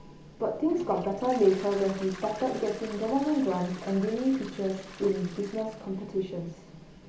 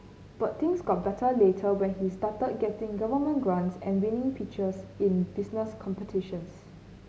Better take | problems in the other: second | background sound (Toilet flush); 18 dB below the speech // room echo; dies away in 0.4 s

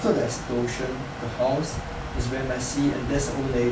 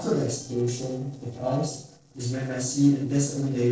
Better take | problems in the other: first | noise reduction (neural separator model SepFormer DNS4)

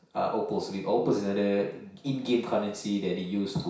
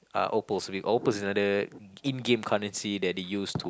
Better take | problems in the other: second | room echo; dies away in 0.6 s

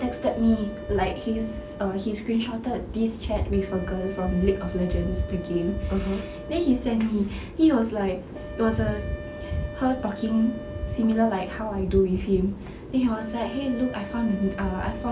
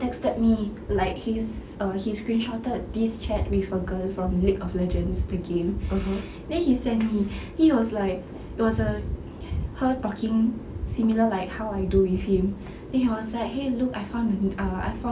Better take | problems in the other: second | background sound (Wind instrument, woodwind instrument); 16 dB below the speech

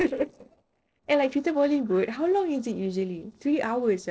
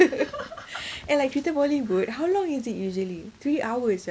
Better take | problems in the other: second | noise reduction (neural separator model SepFormer DNS4)

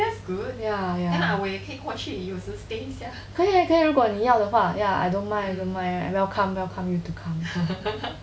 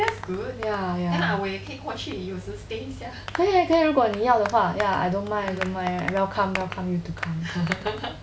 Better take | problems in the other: first | background sound (Applause); 13 dB below the speech

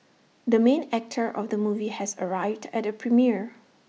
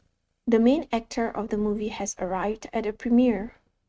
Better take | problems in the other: first | noise reduction (neural mask model RNNoise)

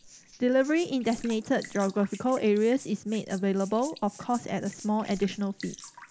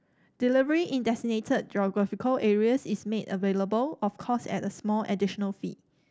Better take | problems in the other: second | noise reduction (neural mask model Resemble Enhance denoiser)

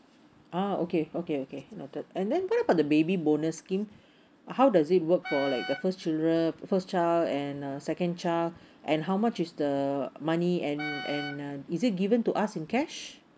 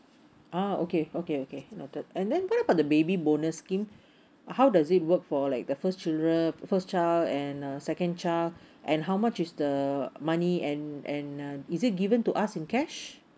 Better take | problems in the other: second | background sound (Wind instrument, woodwind instrument); 11 dB below the speech

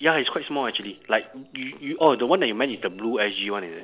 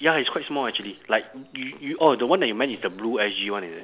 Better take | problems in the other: second | noise reduction (neural separator model SepFormer DNS4)

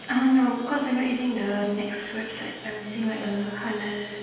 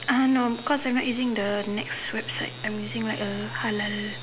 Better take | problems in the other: second | room echo; dies away in 1.2 s

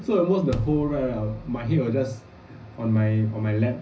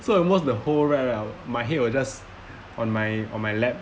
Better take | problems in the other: second | background sound (Bass drum); 13 dB below the speech // room echo; dies away in 0.4 s

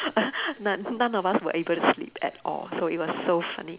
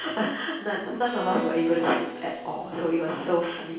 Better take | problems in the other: first | background sound (Bowed string instrument); 11 dB below the speech // room echo; dies away in 0.6 s

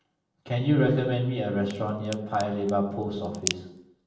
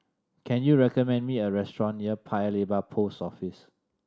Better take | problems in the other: second | background sound (Crack); 12 dB below the speech // room echo; dies away in 0.7 s

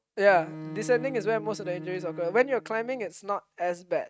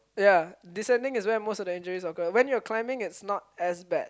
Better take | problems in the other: second | noise reduction (neural mask model RNNoise)

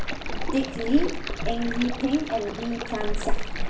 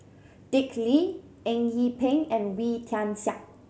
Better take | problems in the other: second | background sound (Stream); 2 dB above the speech // room echo; dies away in 0.8 s

